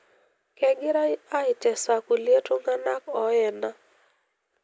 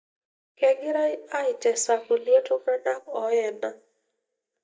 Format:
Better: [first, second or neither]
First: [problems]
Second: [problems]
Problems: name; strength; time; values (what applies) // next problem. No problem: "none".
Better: first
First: none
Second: noise reduction (neural mask model DeepFilterNet 3)